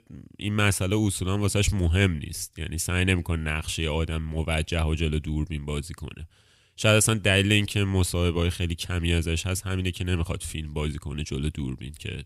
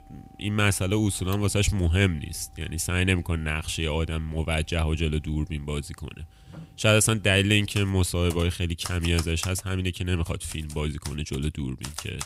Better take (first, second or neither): first